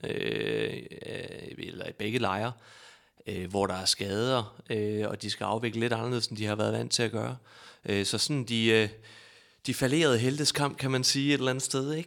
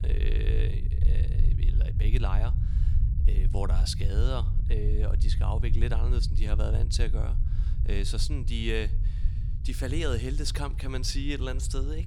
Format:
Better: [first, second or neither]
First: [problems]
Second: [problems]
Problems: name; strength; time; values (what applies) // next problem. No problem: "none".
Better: first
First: none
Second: low rumble; loud; throughout; 10 dB below the speech